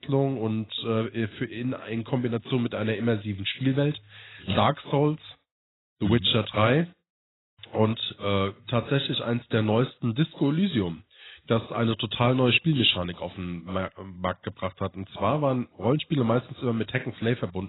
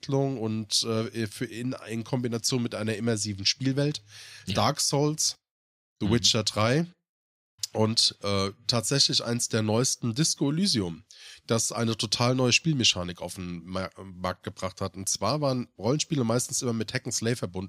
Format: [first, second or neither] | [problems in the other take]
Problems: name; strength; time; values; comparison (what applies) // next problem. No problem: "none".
second | garbled, watery; badly; nothing above 4 kHz